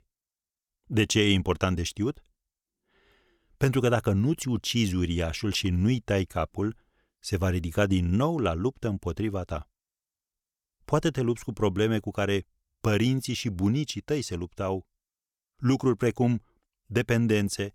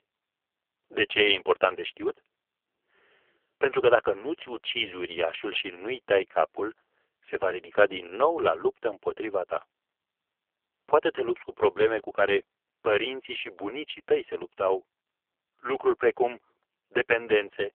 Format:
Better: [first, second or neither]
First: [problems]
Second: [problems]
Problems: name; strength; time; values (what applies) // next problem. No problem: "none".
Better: first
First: none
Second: phone-call audio; poor line; nothing above 3.5 kHz